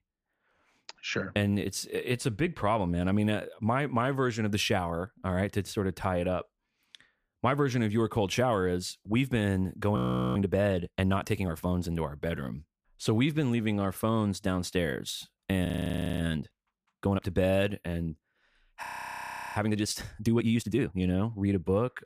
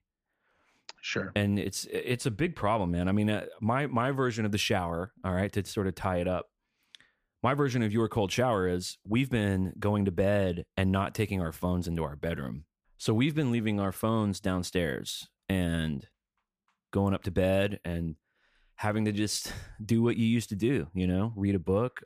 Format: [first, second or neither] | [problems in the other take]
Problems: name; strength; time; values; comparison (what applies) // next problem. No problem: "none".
second | audio freezing; at 10 s, at 16 s for 0.5 s and at 19 s for 0.5 s